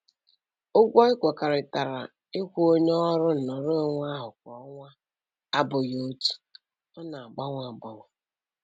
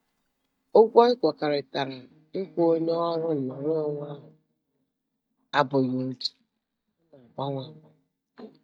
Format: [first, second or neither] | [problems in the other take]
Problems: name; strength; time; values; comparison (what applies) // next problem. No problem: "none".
first | noise reduction (neural mask model DeepFilterNet 3)